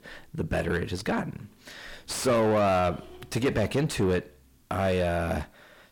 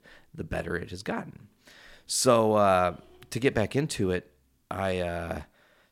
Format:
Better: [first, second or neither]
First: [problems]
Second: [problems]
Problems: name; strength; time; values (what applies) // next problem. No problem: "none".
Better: second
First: distortion; heavy; 5 dB below the speech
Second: none